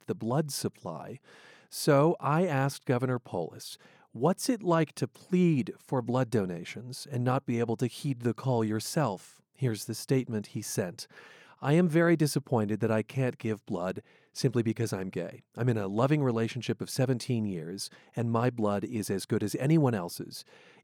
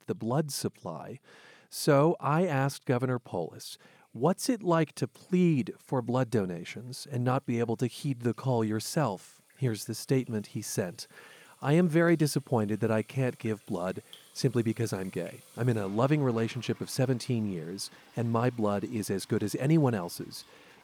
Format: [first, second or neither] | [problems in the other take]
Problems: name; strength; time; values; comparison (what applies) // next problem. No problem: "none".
first | household noises; faint; throughout; 25 dB below the speech